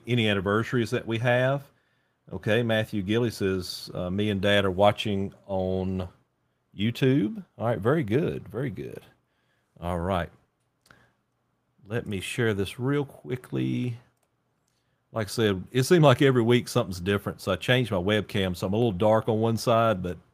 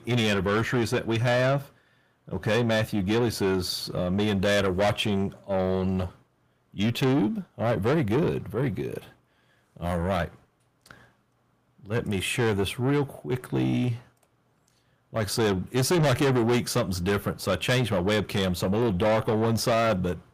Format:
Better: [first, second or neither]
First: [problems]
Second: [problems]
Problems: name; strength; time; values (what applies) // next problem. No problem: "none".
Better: first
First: none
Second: distortion; heavy; 6 dB below the speech